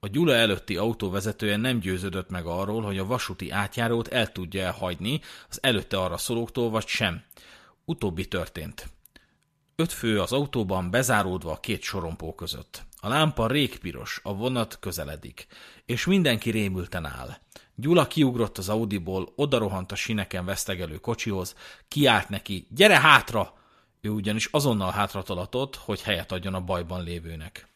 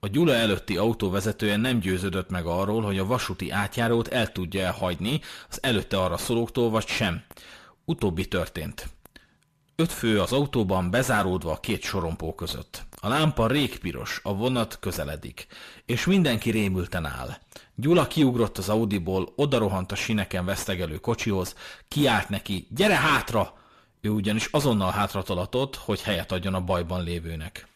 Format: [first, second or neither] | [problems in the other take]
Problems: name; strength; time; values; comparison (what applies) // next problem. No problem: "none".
first | distortion; heavy; 7 dB below the speech